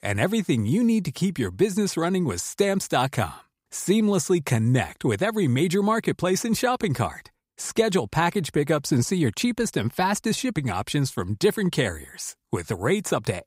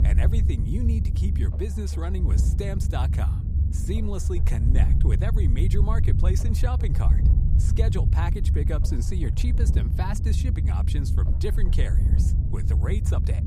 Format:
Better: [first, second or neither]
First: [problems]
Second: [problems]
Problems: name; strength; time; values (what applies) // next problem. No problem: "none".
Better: first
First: none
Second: low rumble; loud; throughout; 3 dB below the speech